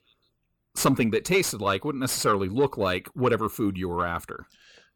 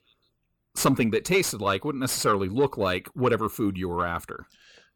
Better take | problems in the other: neither | distortion; slight; 10 dB below the speech; the same in both

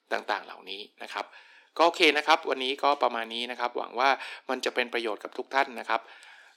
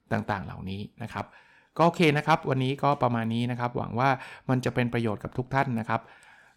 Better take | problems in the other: second | thin; very; fading below 300 Hz

